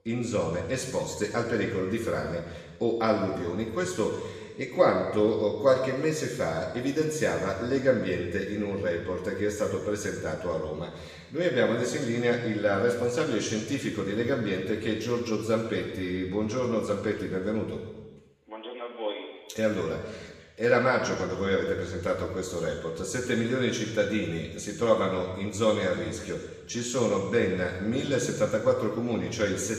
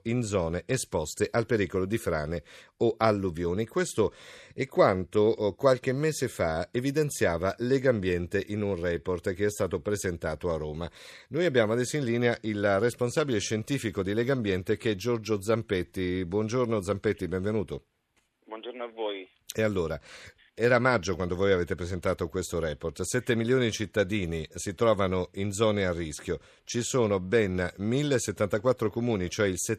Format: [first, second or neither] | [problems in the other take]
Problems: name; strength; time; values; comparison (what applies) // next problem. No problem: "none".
second | room echo; noticeable; dies away in 1.2 s // off-mic speech; far